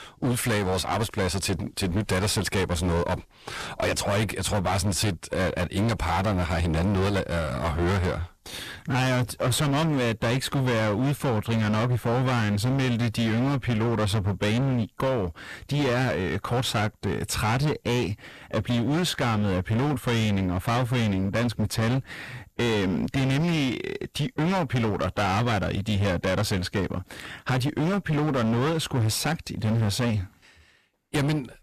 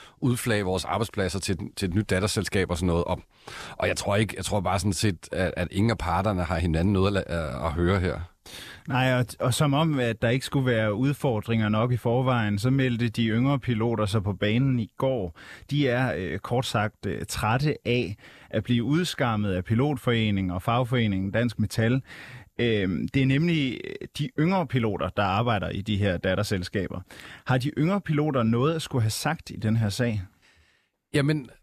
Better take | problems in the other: second | distortion; heavy; 27% of the sound clipped

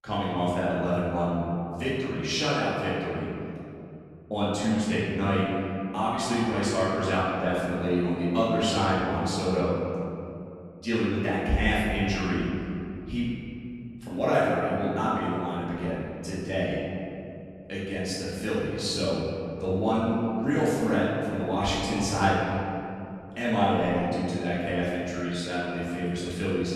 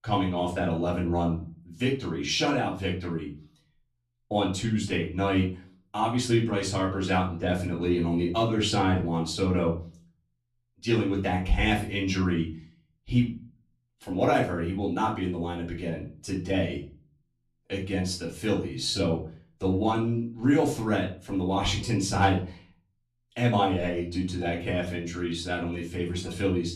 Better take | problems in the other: second | room echo; strong; dies away in 2.5 s; slight in the second // off-mic speech; far; far in the second

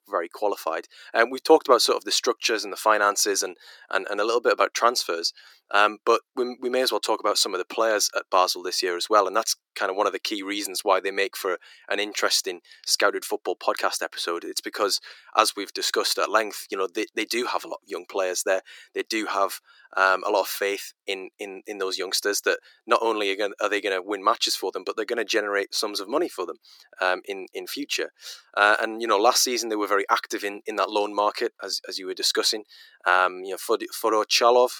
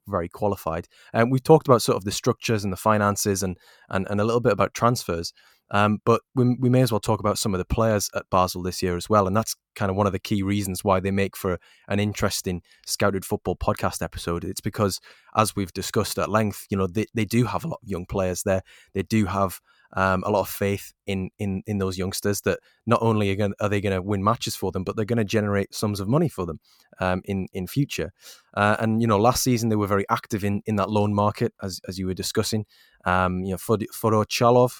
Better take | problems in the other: second | thin; very; fading below 300 Hz

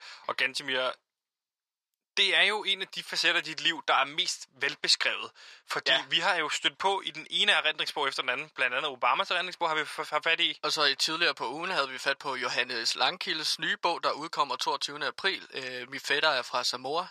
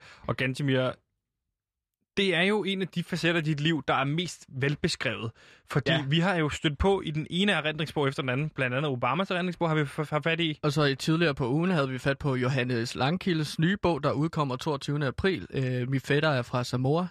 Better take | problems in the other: second | thin; very; fading below 700 Hz

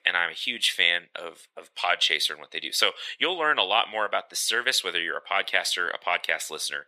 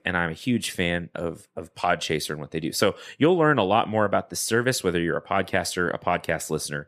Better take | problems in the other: second | thin; very; fading below 700 Hz

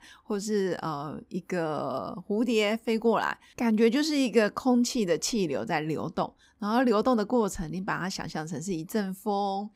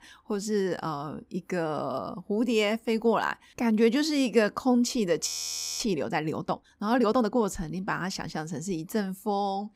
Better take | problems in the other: first | audio freezing; at 5.5 s for 0.5 s

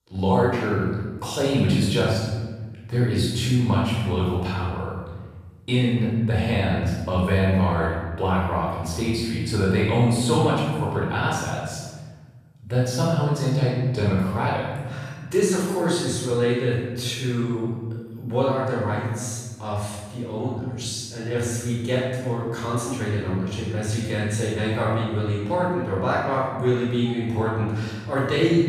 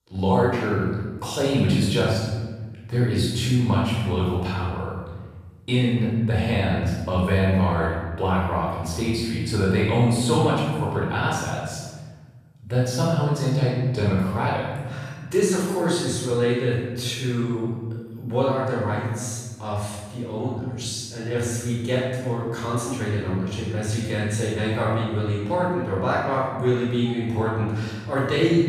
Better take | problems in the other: neither | off-mic speech; far; the same in both // room echo; strong; dies away in 1.4 s; the same in both

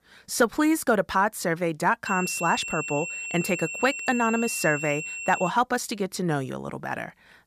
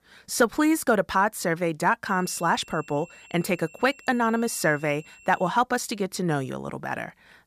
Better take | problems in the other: second | high-pitched whine; loud; from 2 to 5.5 s; 2.5 kHz, 6 dB below the speech; faint in the second

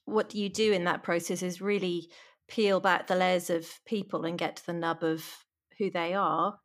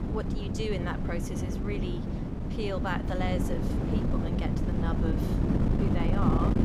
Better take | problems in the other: first | wind noise on the microphone; heavy; as loud as the speech

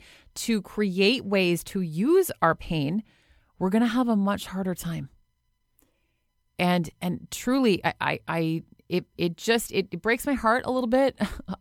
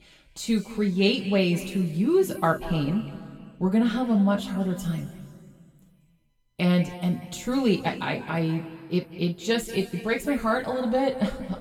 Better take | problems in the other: first | room echo; noticeable; dies away in 2 s // off-mic speech; far

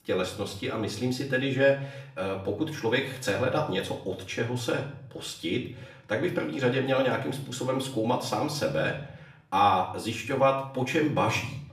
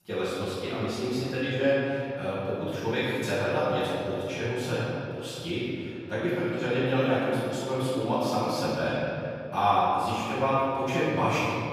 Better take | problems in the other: first | room echo; strong; dies away in 2.4 s; slight in the first // off-mic speech; far; far in the first

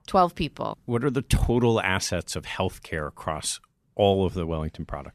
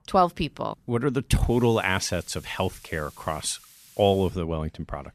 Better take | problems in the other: first | hiss; faint; from 1.5 to 4.5 s; 25 dB below the speech

